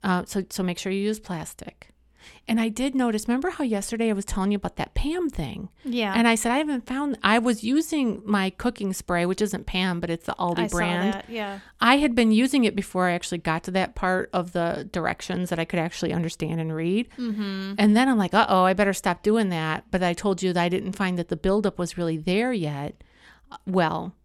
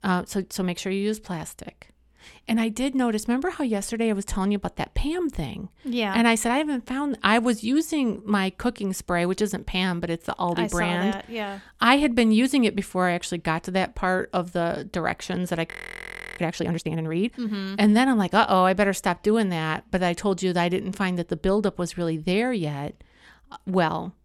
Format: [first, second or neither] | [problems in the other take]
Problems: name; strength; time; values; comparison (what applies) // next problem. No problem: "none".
first | audio freezing; at 16 s for 0.5 s